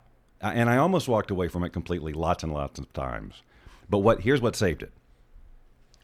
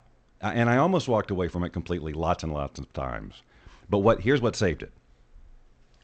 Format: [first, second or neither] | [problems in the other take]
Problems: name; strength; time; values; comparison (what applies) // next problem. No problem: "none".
first | garbled, watery; slightly; nothing above 7.5 kHz